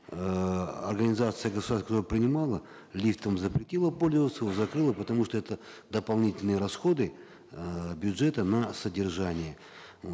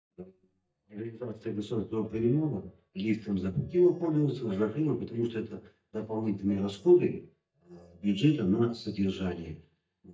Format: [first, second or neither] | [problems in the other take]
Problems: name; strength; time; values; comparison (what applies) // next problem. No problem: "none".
first | noise reduction (neural mask model DeepFilterNet 3)